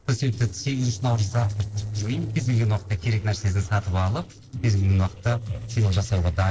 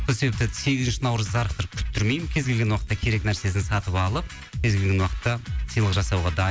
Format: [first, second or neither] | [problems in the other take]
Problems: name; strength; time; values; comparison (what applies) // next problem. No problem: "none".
second | noise reduction (neural separator model SepFormer DNS4)